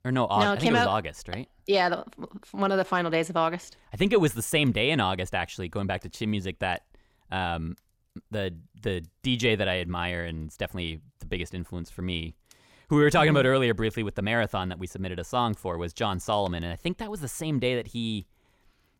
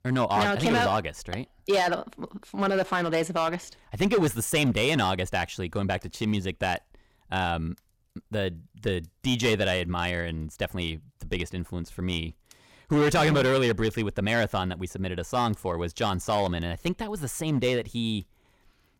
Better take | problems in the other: first | distortion; slight; 5% of the sound clipped

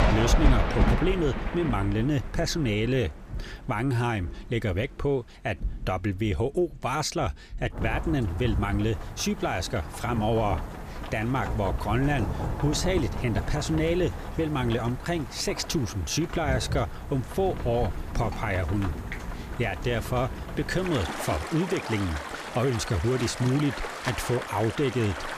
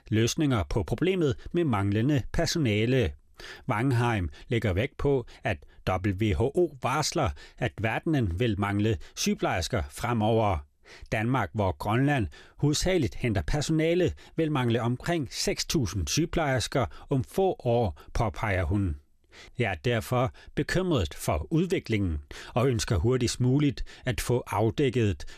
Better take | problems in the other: second | rain or running water; loud; throughout; 6 dB below the speech

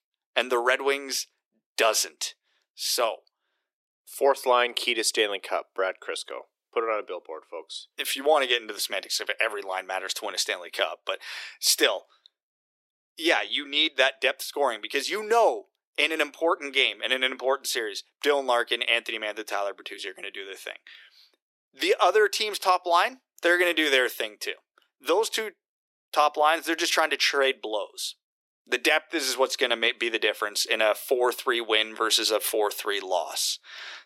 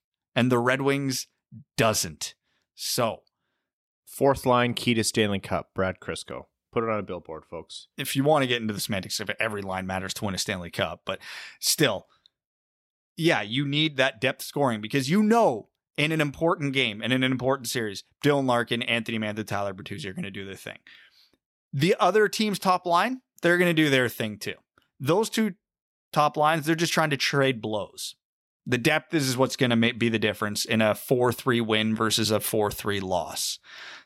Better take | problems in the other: second | thin; very; fading below 350 Hz

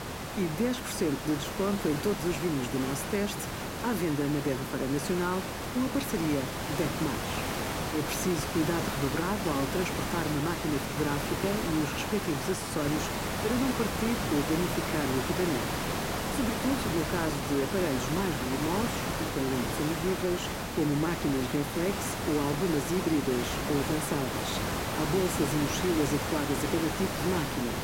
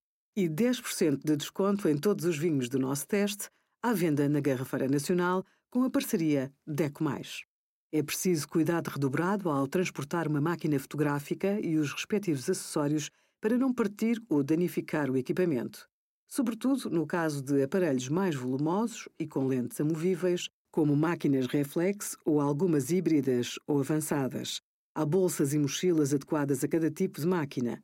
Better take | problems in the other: second | hiss; loud; throughout; 1 dB below the speech

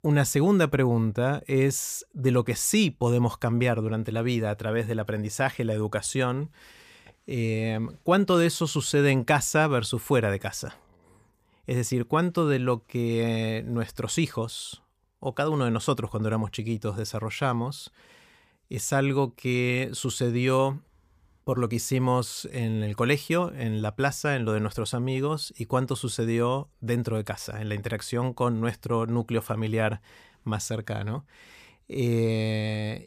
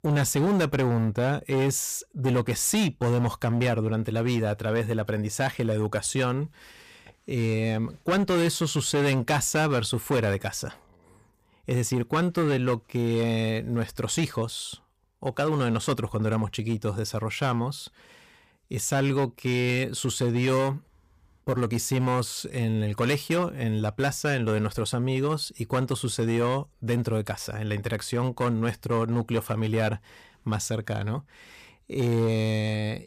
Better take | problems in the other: first | distortion; slight; 9% of the sound clipped

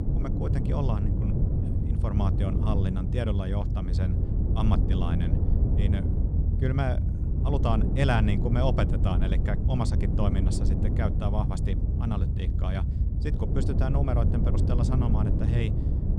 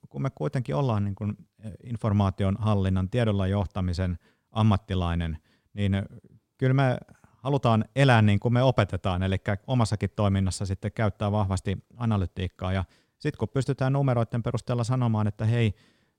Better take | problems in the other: second | low rumble; loud; throughout; 4 dB below the speech

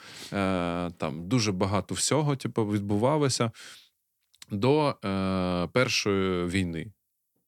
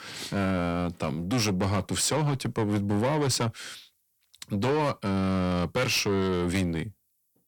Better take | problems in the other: first | distortion; heavy; 7 dB below the speech

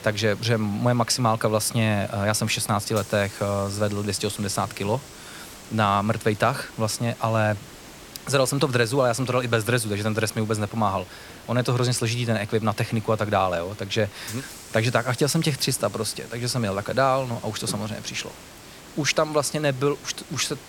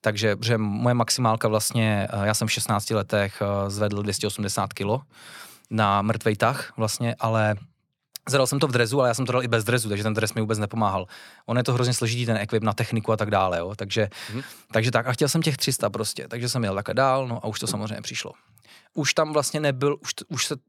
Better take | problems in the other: second | hiss; noticeable; throughout; 20 dB below the speech

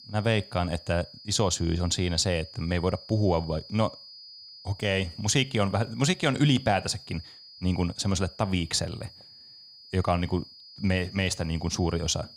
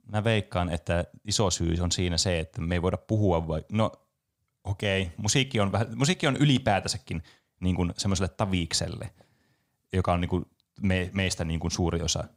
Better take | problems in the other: second | high-pitched whine; noticeable; throughout; 5 kHz, 20 dB below the speech

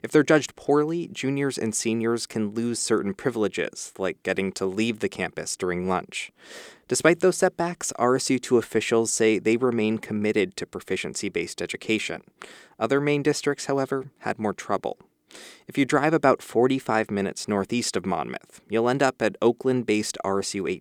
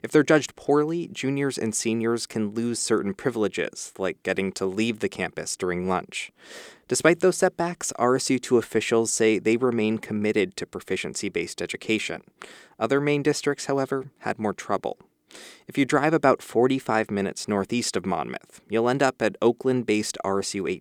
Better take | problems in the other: neither | none

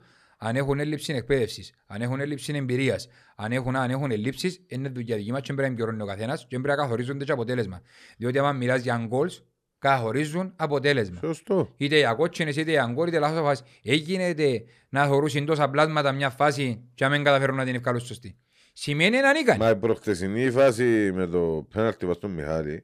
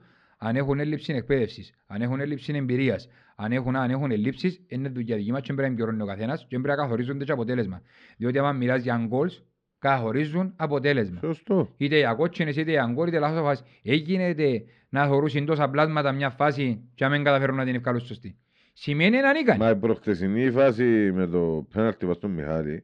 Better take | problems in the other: first | muffled; very slightly; fading above 4 kHz

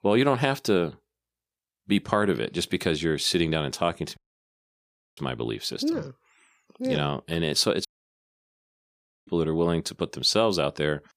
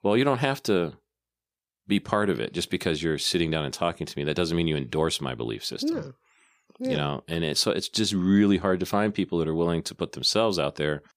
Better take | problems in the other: second | audio cutting out; at 4 s for 1 s and at 8 s for 1.5 s

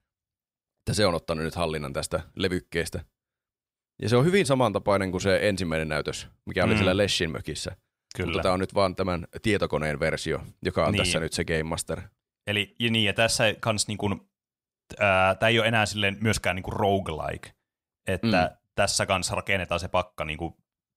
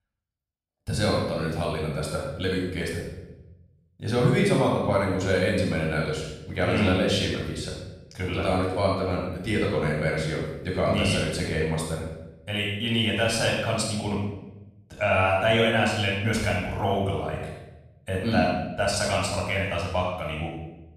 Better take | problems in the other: first | room echo; noticeable; dies away in 0.8 s // off-mic speech; far

